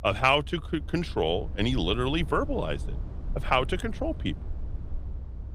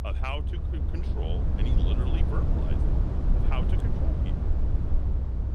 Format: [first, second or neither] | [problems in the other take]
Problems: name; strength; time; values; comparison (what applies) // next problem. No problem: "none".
first | low rumble; loud; throughout; as loud as the speech; faint in the first